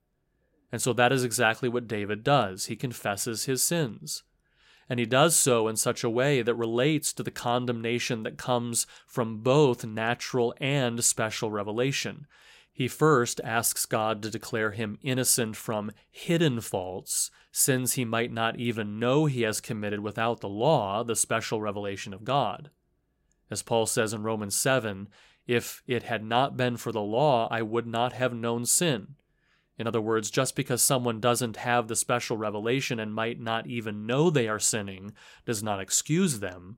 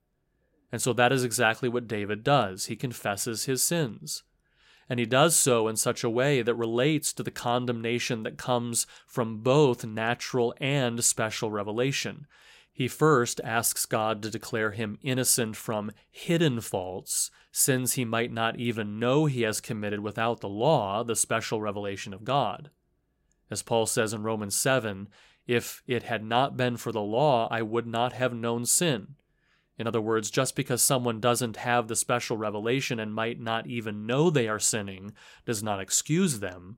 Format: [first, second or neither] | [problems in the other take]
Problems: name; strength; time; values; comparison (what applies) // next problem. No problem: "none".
neither | none